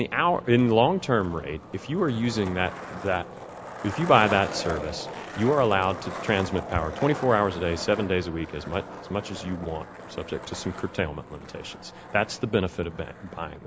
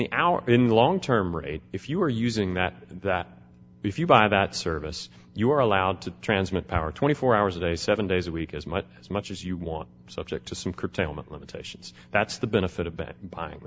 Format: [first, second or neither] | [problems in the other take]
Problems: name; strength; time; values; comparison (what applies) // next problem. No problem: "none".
second | background sound (Skateboard); 12 dB below the speech